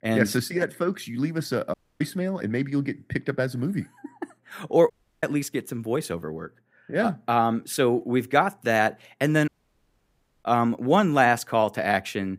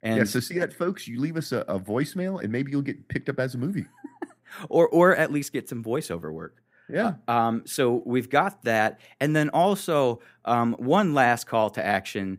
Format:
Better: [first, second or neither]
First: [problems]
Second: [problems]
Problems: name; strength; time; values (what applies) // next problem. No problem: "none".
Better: second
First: audio cutting out; at 1.5 s, at 5 s and at 9.5 s for 1 s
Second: none